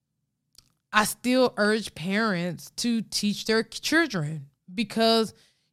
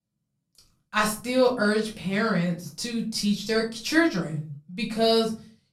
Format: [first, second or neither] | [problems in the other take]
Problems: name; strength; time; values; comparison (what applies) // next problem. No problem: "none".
first | room echo; slight; dies away in 0.3 s // off-mic speech; far